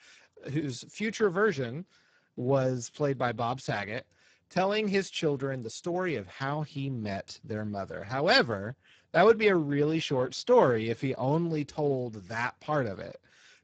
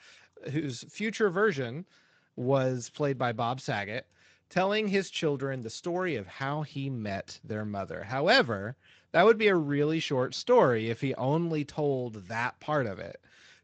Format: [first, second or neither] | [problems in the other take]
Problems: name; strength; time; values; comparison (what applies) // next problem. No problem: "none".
second | garbled, watery; badly; nothing above 7.5 kHz; slightly in the second